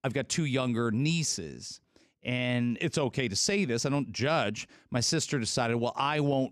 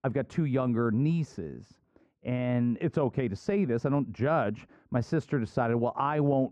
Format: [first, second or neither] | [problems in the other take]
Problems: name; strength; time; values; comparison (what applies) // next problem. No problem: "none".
first | muffled; very; fading above 2.5 kHz